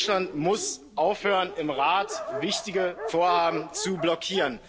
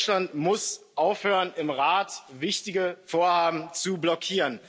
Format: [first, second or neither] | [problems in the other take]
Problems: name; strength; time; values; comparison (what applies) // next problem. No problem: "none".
second | background sound (Dog); 11 dB below the speech